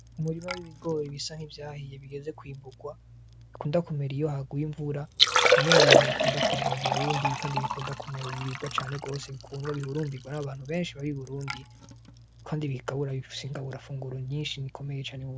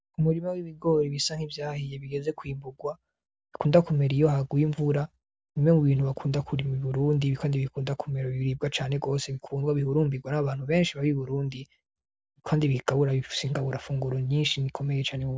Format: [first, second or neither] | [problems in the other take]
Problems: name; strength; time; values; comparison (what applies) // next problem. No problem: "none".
second | background sound (Liquid); 3 dB above the speech